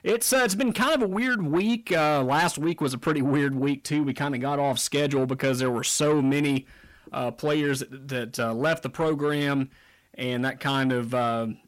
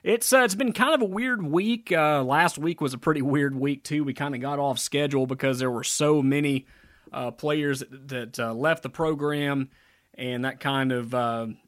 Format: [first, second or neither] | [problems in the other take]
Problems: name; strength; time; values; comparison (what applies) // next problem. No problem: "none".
second | distortion; slight; 10 dB below the speech